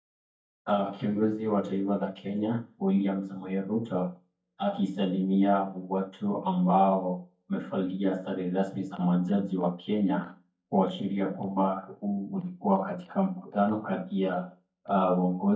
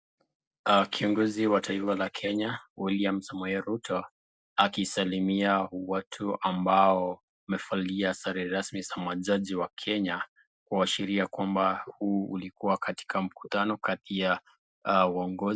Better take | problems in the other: second | noise reduction (neural mask model DeepFilterNet 3)

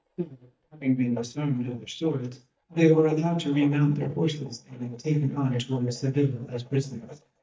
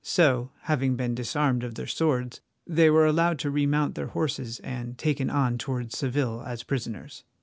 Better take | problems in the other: second | noise reduction (neural mask model DeepFilterNet 3)

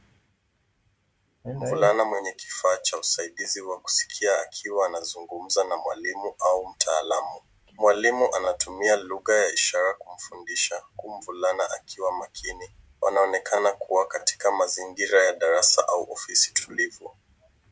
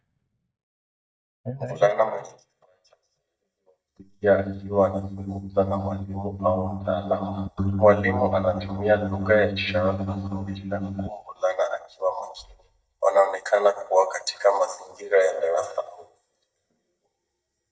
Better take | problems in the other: first | noise reduction (neural mask model DeepFilterNet 3)

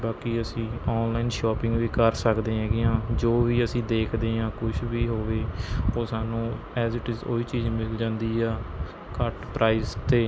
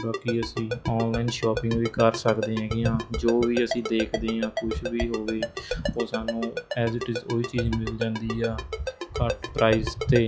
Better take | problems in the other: first | noise reduction (classical method log-MMSE)

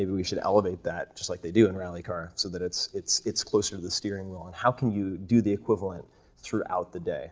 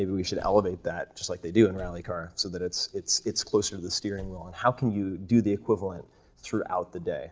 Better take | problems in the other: first | background sound (Slam / Car); 20 dB below the speech

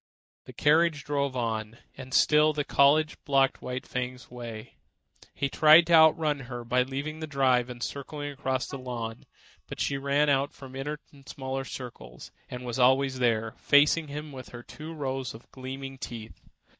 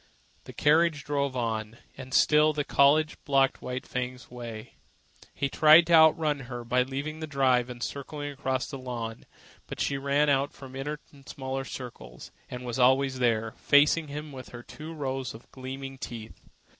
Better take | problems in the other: second | noise reduction (neural mask model DeepFilterNet 3)

